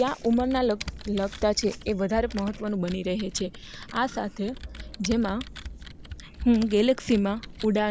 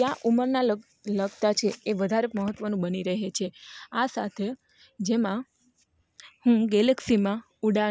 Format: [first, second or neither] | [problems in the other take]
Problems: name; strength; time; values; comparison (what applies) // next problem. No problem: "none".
second | background sound (Computer keyboard); 13 dB below the speech